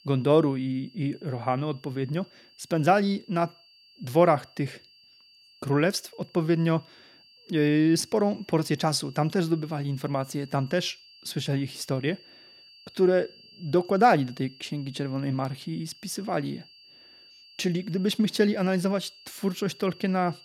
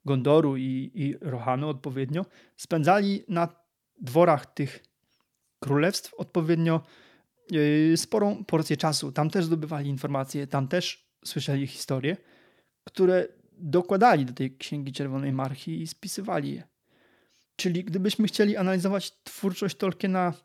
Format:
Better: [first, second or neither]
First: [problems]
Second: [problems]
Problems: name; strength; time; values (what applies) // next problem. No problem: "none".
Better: second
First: high-pitched whine; faint; throughout; 4.5 kHz, 25 dB below the speech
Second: none